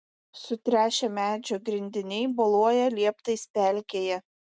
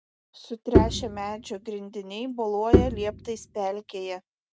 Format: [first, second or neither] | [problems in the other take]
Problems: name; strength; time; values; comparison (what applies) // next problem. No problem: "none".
first | background sound (Bowed string instrument); 4 dB above the speech